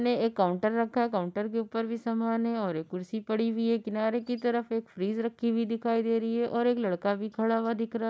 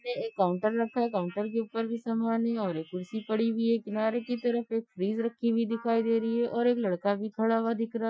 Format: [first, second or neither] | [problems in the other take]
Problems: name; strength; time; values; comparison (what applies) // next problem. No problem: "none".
first | noise reduction (classical method Wiener filter)